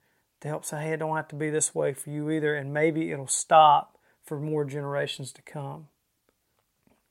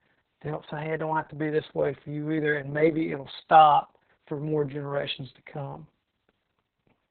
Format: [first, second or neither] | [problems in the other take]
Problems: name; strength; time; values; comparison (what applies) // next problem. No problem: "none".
first | garbled, watery; badly; nothing above 3.5 kHz